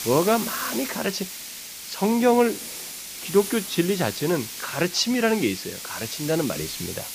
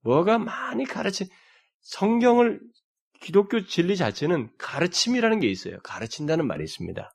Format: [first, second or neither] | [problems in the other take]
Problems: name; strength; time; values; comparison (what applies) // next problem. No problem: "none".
second | hiss; loud; throughout; 8 dB below the speech